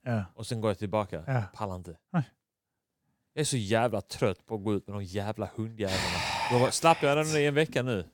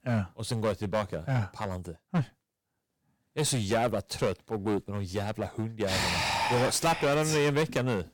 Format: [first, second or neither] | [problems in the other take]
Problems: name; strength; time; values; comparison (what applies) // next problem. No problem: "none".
first | distortion; heavy; 9% of the sound clipped